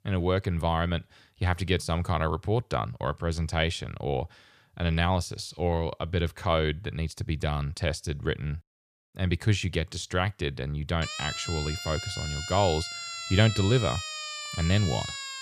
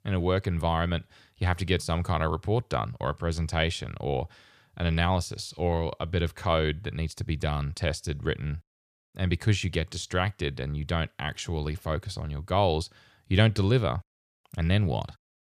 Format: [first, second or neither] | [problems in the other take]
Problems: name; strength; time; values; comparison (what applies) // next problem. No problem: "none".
second | siren; noticeable; from 11 s on; peak 5 dB below the speech